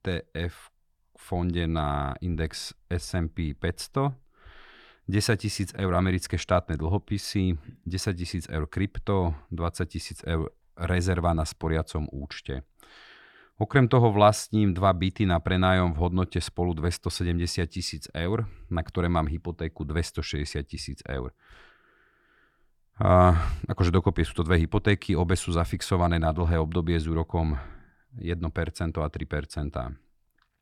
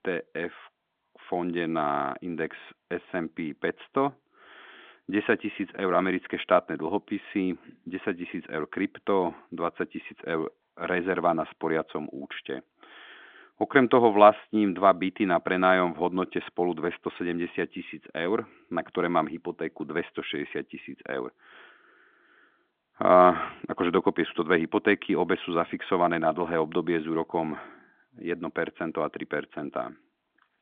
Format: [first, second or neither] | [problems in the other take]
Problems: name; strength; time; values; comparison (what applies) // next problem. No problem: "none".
first | phone-call audio